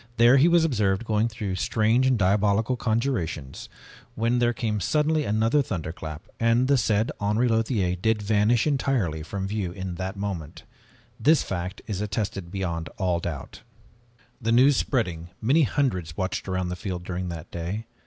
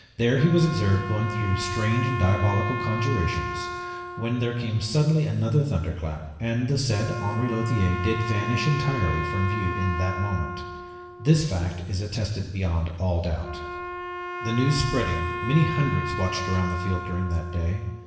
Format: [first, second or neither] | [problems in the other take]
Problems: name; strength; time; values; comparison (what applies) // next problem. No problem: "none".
first | background sound (Wind instrument, woodwind instrument); 8 dB below the speech // room echo; dies away in 1.2 s